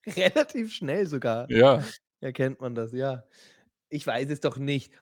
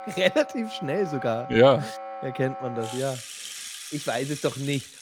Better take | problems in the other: first | background music; noticeable; throughout; 10 dB below the speech

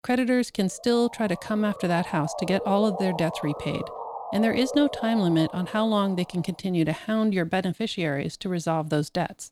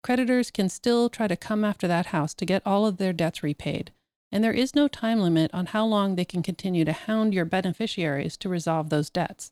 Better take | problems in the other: second | siren; noticeable; from 1 to 6.5 s; peak 7 dB below the speech

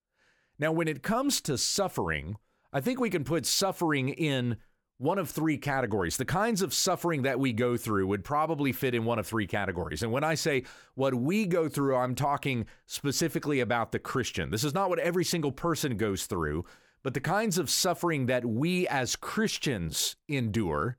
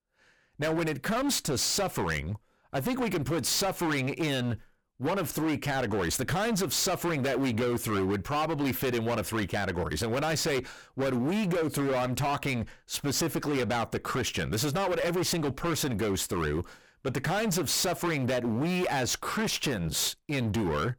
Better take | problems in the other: first | distortion; heavy; 26% of the sound clipped

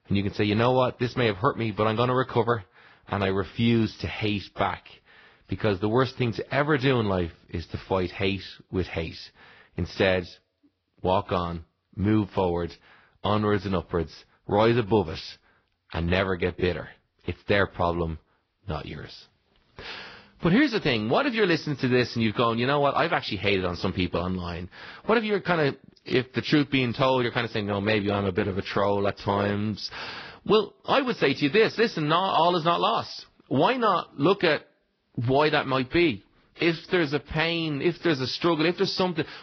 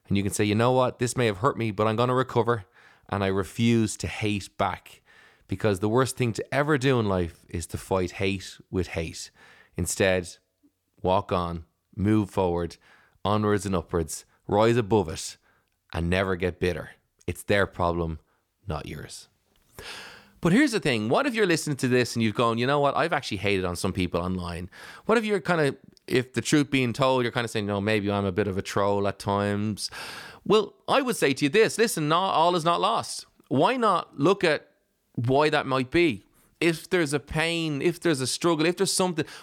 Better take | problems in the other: second | garbled, watery; badly; nothing above 5.5 kHz

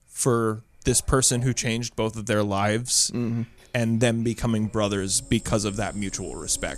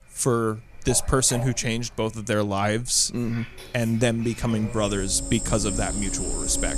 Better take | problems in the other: first | animal sounds; loud; throughout; 8 dB below the speech; faint in the first

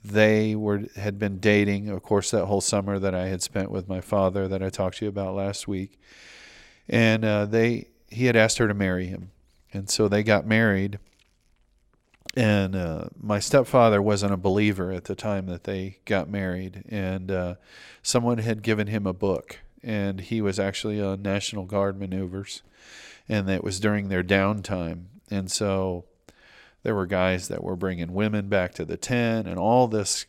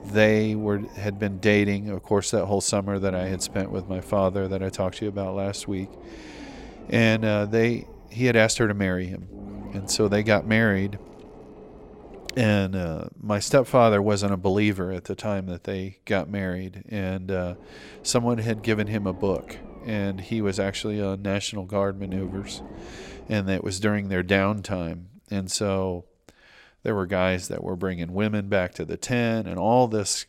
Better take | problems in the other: first | low rumble; faint; until 13 s and from 17 to 23 s; 20 dB below the speech

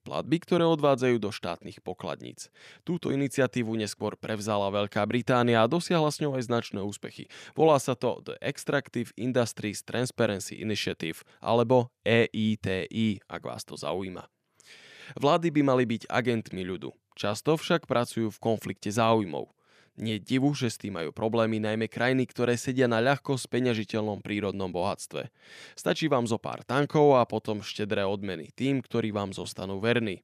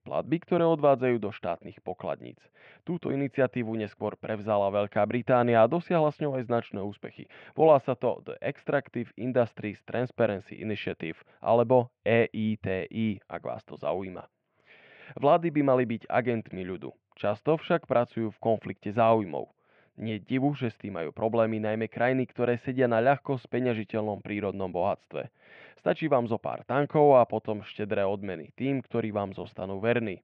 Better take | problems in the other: first | muffled; very; fading above 2.5 kHz

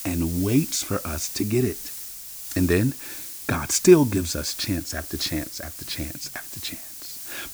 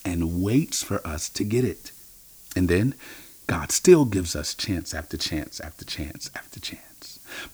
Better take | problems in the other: second | hiss; loud; throughout; 10 dB below the speech; faint in the second

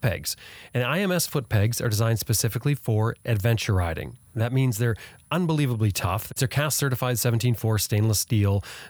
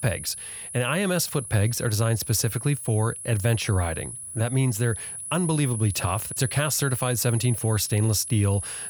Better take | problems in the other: first | high-pitched whine; loud; throughout; 10.5 kHz, 8 dB below the speech; faint in the first

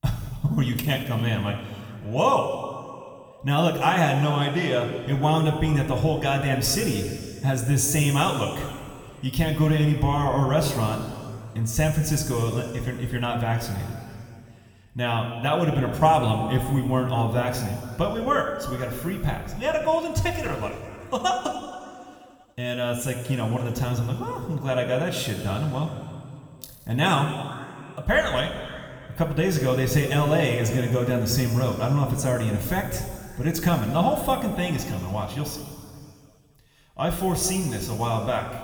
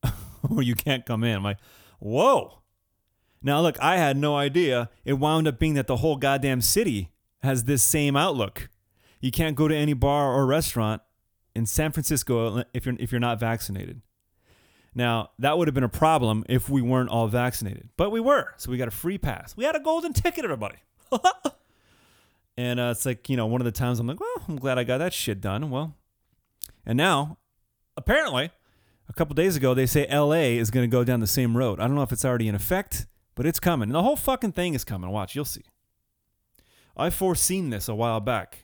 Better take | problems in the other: second | room echo; noticeable; dies away in 2.2 s // off-mic speech; somewhat distant

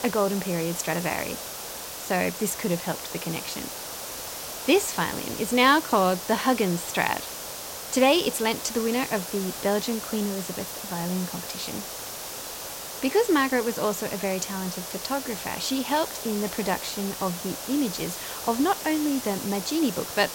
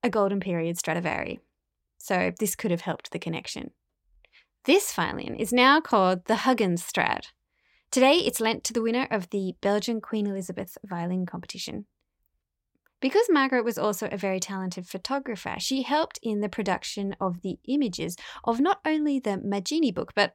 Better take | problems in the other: second | hiss; loud; throughout; 7 dB below the speech

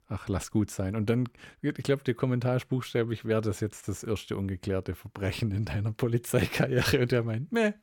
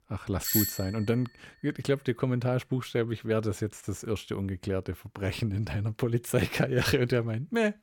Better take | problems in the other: first | doorbell; loud; at 0.5 s; peak 3 dB above the speech

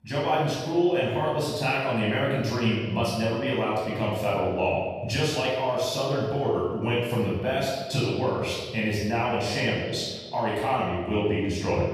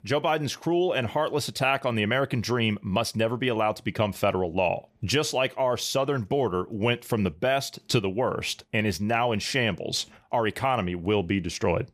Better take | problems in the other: second | off-mic speech; far // room echo; strong; dies away in 1.2 s

